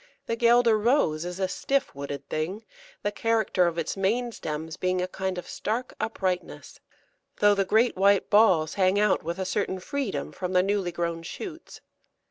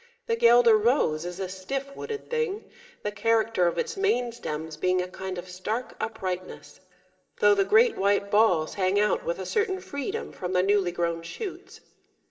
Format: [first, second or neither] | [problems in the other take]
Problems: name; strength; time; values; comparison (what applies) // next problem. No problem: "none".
first | room echo; dies away in 1.2 s